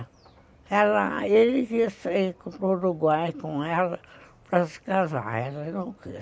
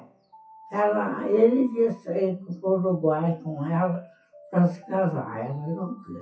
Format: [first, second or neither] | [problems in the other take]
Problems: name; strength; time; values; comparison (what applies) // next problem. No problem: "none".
first | noise reduction (classical method WPE with log-MMSE)